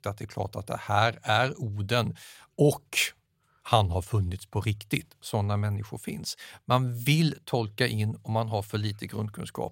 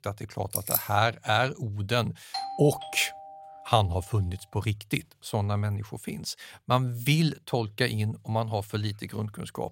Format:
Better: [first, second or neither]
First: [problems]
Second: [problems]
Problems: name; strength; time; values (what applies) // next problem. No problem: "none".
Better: first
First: none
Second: jangling keys; loud; at 0.5 s; peak 1 dB above the speech // doorbell; noticeable; from 2.5 to 3.5 s; peak 6 dB below the speech